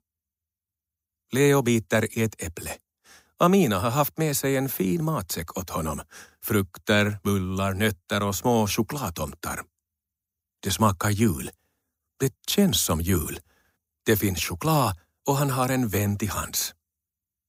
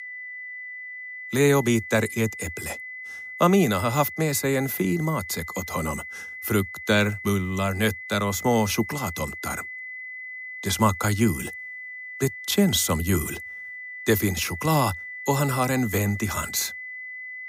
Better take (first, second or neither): first